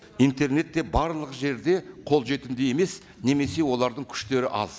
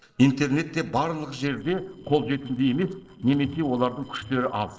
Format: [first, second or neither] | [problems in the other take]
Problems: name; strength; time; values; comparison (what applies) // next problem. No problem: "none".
first | noise reduction (neural separator model SepFormer DNS4)